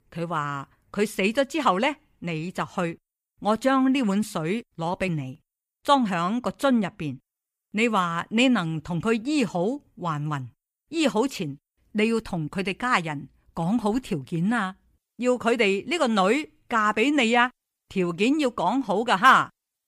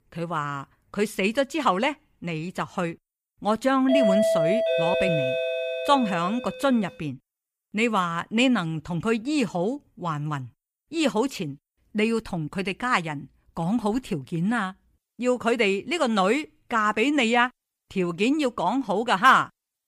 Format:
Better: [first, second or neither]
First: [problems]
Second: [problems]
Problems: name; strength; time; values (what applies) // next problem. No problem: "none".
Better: first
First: none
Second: doorbell; loud; from 4 to 6.5 s; peak 4 dB above the speech